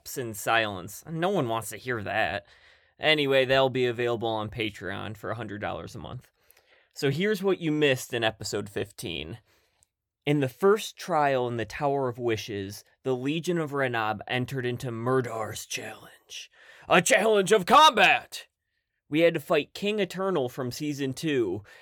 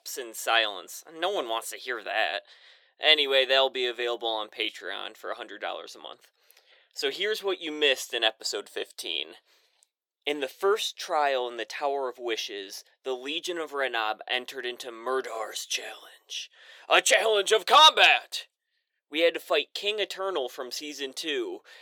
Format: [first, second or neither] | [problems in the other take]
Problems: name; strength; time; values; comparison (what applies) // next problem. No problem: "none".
first | thin; very; fading below 400 Hz